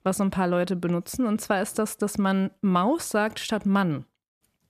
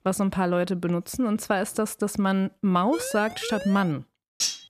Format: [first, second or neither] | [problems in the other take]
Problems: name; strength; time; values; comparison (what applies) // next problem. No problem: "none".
first | siren; noticeable; from 3 to 4 s; peak 9 dB below the speech // clattering dishes; noticeable; at 4.5 s; peak 1 dB below the speech